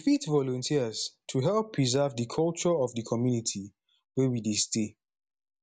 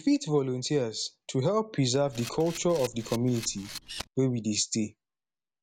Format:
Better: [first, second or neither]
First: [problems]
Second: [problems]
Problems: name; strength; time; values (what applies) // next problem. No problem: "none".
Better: first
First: none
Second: background sound (Camera); 14 dB below the speech